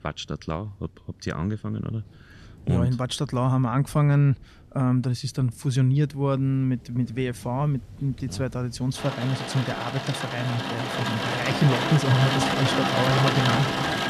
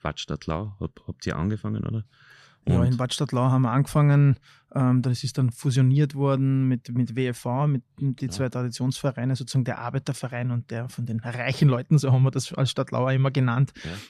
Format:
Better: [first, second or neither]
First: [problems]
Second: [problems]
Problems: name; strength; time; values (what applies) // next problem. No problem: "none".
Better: second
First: rain or running water; loud; throughout; as loud as the speech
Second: none